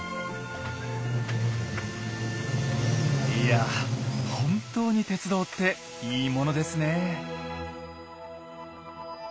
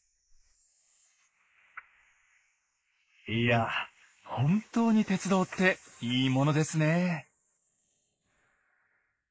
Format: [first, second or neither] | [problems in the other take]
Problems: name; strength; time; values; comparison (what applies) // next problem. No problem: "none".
first | noise reduction (neural mask model Resemble Enhance denoiser)